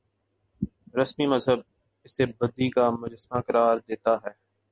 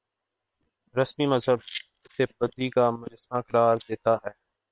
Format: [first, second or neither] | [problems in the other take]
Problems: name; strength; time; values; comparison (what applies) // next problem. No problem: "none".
first | noise reduction (neural separator model SepFormer WHAM!)